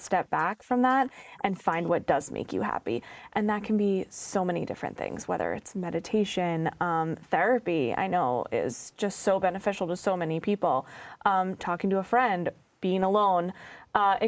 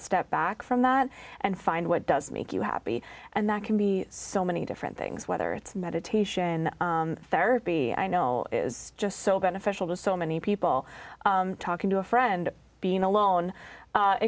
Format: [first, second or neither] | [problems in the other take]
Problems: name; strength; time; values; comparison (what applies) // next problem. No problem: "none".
second | noise reduction (neural mask model Resemble Enhance denoiser)